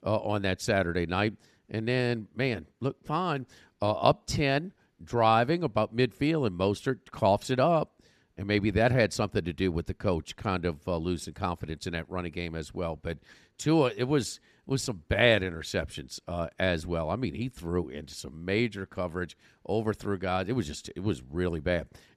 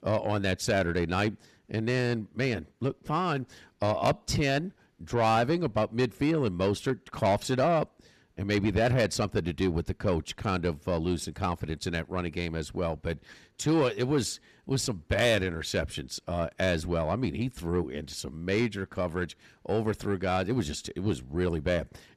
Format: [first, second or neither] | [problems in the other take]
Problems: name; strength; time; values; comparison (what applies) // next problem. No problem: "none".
first | distortion; slight; 10 dB below the speech